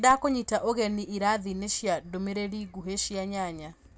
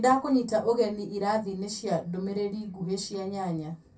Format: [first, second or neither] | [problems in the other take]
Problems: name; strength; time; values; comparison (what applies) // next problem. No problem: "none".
first | room echo; dies away in 0.3 s